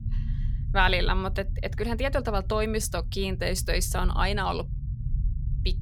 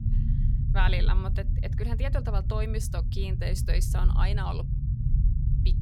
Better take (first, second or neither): first